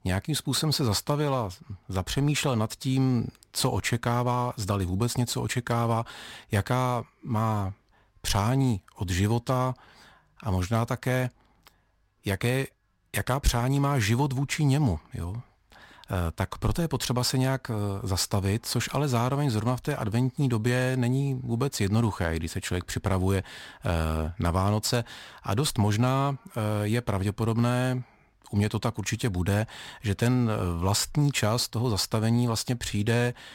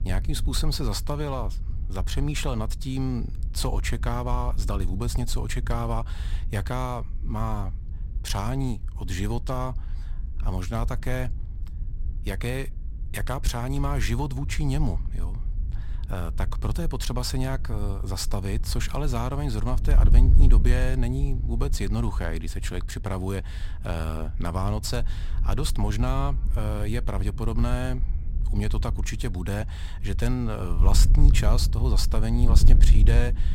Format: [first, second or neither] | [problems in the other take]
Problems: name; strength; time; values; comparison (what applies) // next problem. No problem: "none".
first | wind noise on the microphone; occasional gusts; 15 dB below the speech